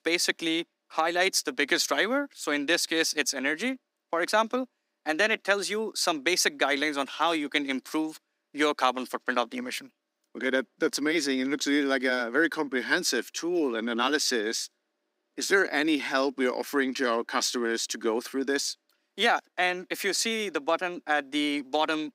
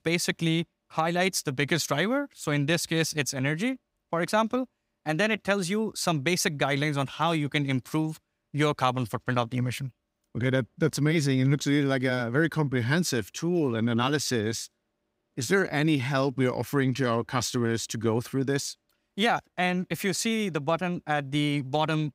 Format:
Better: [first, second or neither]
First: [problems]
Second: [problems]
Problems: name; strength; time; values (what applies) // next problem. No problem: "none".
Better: second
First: thin; very slightly; fading below 250 Hz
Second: none